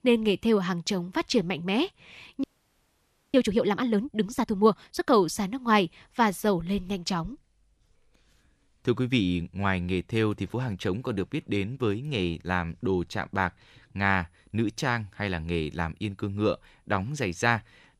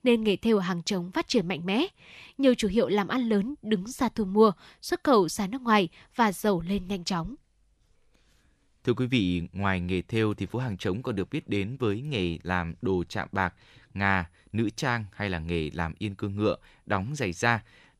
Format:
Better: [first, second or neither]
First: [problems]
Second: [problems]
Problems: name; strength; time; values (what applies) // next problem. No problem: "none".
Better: second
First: audio freezing; at 2.5 s for 1 s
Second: none